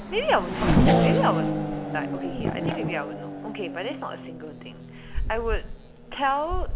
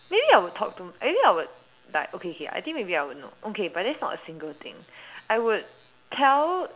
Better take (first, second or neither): second